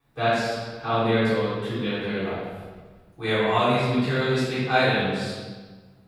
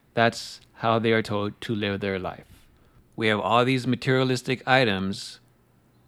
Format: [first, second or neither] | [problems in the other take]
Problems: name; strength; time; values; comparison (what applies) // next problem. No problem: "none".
second | room echo; strong; dies away in 1.3 s // off-mic speech; far